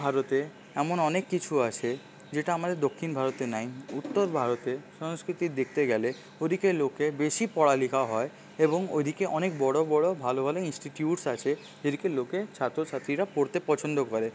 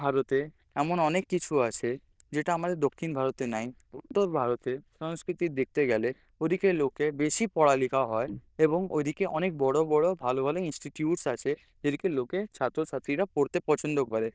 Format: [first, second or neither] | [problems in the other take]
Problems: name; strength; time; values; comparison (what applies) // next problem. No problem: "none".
first | noise reduction (neural diffusion model UNIVERSE++)